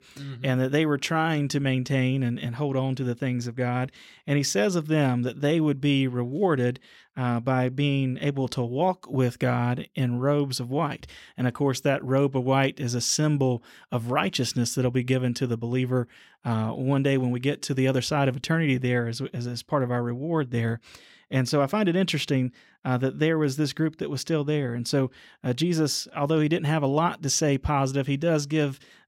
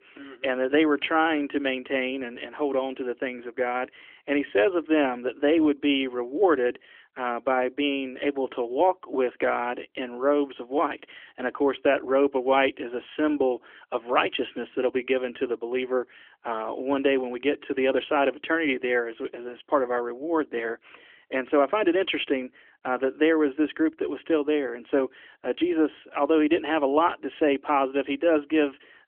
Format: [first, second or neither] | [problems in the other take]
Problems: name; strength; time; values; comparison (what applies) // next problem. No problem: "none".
first | phone-call audio; nothing above 3.5 kHz